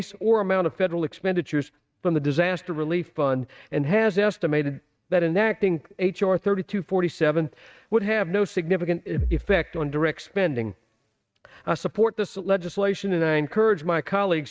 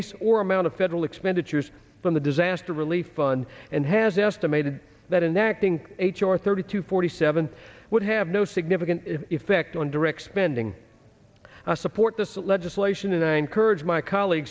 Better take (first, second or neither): second